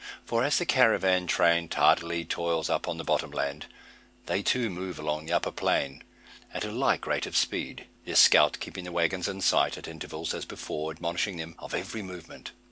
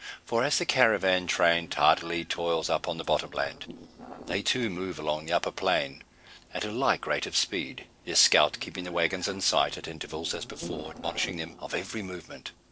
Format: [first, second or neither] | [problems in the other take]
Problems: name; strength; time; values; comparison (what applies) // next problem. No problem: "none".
first | noise reduction (neural separator model SepFormer DNS4)